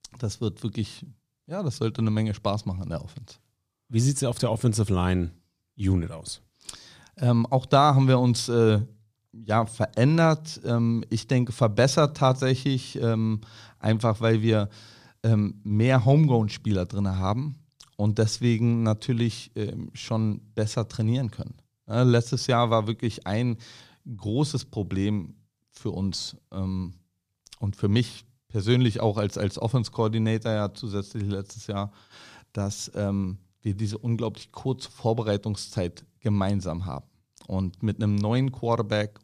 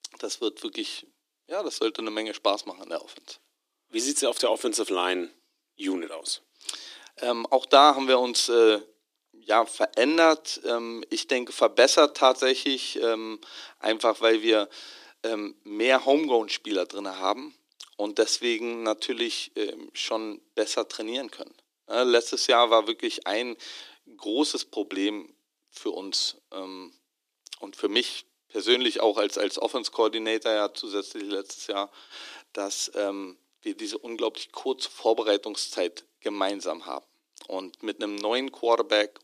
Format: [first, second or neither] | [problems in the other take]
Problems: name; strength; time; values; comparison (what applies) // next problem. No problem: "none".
first | thin; very; fading below 300 Hz